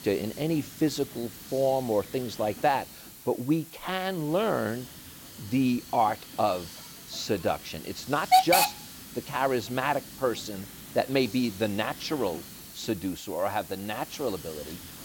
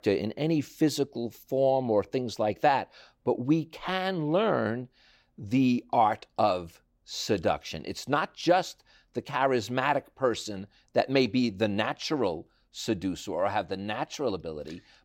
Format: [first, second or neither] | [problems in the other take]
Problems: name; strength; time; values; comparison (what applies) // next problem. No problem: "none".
second | hiss; loud; throughout; 6 dB below the speech